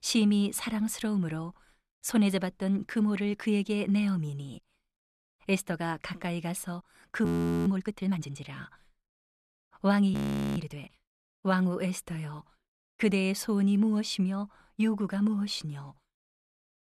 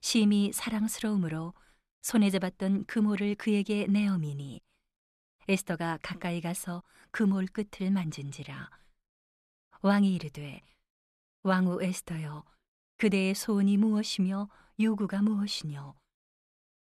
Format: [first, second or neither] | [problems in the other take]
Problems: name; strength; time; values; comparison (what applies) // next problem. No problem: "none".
second | audio freezing; at 7.5 s and at 10 s